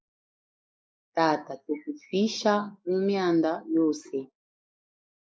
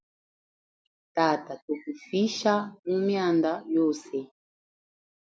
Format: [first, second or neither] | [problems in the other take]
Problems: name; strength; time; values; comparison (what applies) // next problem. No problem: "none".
second | noise reduction (neural mask model Resemble Enhance denoiser)